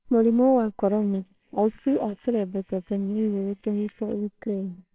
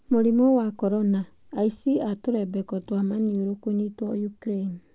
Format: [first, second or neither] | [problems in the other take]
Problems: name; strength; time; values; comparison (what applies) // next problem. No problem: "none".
second | noise reduction (neural separator model SepFormer WHAMR!)